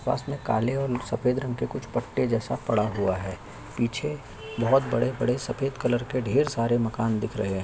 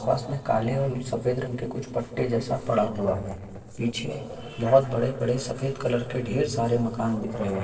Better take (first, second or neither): first